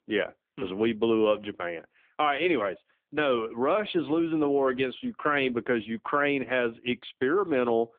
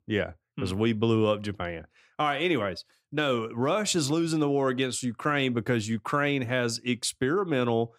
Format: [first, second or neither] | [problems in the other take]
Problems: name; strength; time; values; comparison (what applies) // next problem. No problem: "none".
second | phone-call audio; poor line; nothing above 3.5 kHz